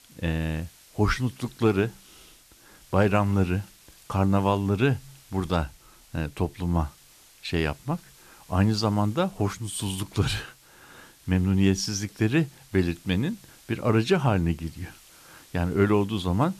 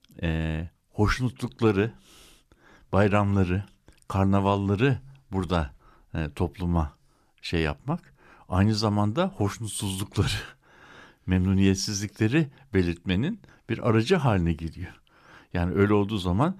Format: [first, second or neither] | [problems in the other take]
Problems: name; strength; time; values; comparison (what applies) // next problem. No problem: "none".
second | hiss; faint; throughout; 25 dB below the speech